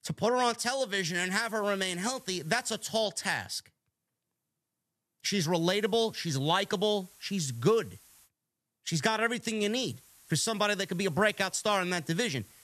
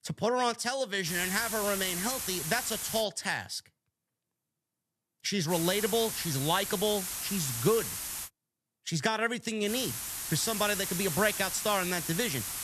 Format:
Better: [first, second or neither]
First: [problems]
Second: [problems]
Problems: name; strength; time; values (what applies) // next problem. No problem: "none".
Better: first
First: hiss; faint; from 1 to 3 s, from 5.5 to 8.5 s and from 9.5 s on; 25 dB below the speech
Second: hiss; loud; from 1 to 3 s, from 5.5 to 8.5 s and from 9.5 s on; 3 dB below the speech